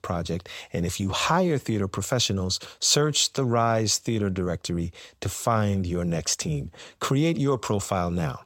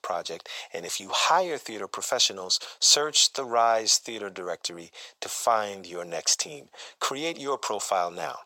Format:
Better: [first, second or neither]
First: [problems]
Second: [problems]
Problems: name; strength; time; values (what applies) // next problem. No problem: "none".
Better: first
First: none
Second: thin; very; fading below 600 Hz